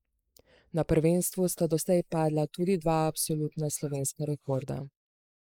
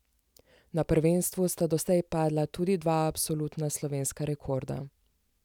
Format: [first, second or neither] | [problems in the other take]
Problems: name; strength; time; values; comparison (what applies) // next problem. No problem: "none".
second | noise reduction (neural mask model Resemble Enhance denoiser)